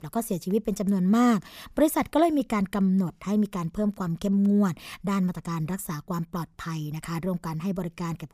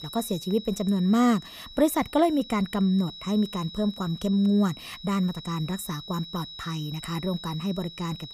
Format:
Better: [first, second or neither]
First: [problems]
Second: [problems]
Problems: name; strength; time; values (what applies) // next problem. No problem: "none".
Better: first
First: none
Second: high-pitched whine; noticeable; throughout; 4 kHz, 15 dB below the speech